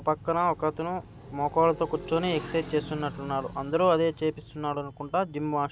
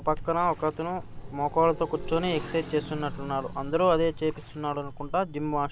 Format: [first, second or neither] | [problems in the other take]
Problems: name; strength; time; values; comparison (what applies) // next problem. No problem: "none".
first | background sound (Splash, splatter); 12 dB below the speech